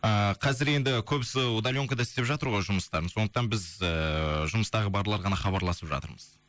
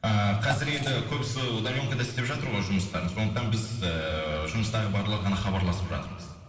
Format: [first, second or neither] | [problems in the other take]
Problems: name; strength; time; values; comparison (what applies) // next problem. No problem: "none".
first | noise reduction (neural separator model SepFormer DNS4)